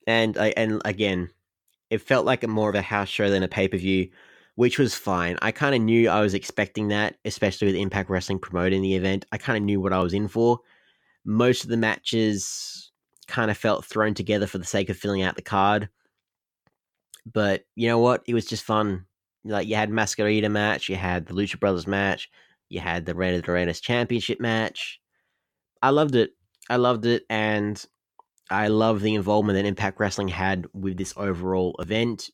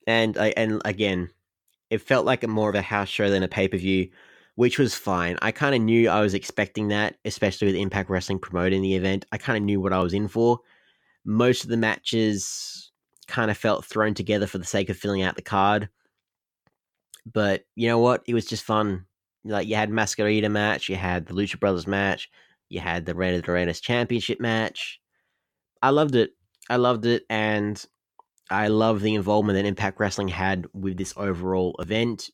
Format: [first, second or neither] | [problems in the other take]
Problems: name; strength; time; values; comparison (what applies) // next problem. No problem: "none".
neither | none